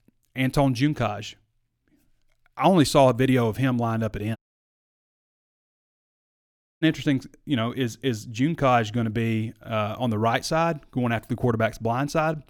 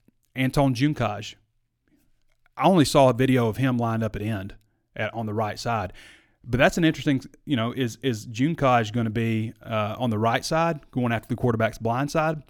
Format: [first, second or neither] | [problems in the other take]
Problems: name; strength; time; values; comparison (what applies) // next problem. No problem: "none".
second | audio cutting out; at 4.5 s for 2.5 s